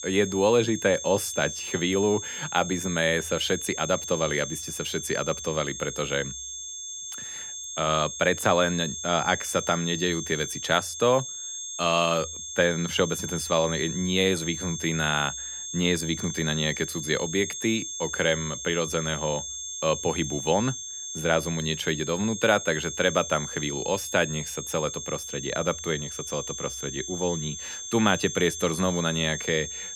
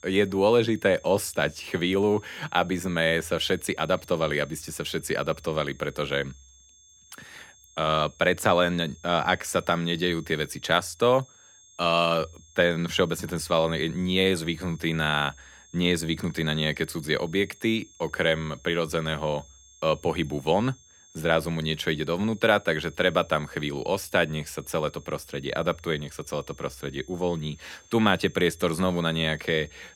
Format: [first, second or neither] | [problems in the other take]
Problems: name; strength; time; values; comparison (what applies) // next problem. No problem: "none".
second | high-pitched whine; loud; throughout; 6.5 kHz, 7 dB below the speech; faint in the second